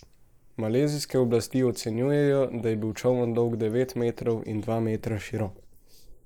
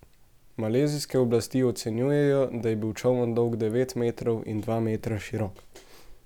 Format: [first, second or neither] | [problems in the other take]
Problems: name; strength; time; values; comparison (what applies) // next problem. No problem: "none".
second | noise reduction (neural mask model Resemble Enhance denoiser)